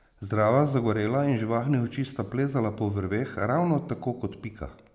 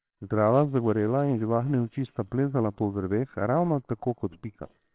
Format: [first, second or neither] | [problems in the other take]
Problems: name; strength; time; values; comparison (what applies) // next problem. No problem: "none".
first | noise reduction (neural separator model SepFormer WHAMR!)